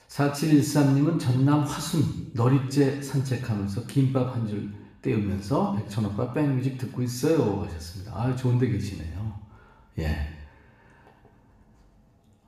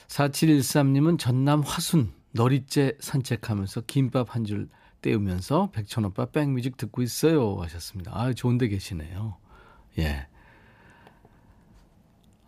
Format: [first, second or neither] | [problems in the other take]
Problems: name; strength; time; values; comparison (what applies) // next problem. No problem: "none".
second | room echo; noticeable; dies away in 0.8 s // off-mic speech; somewhat distant